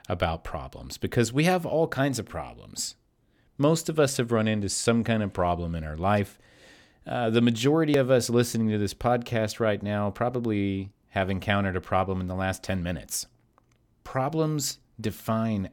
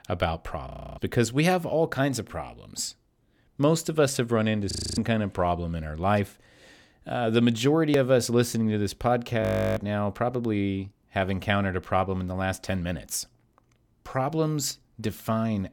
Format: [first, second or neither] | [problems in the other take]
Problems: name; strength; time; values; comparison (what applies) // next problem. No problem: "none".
first | audio freezing; at 0.5 s, at 4.5 s and at 9.5 s